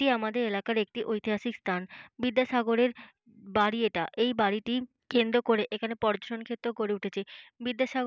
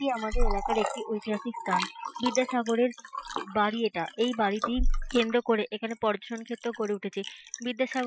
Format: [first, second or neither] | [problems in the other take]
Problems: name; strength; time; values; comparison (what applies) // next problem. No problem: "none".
first | noise reduction (classical method Wiener filter)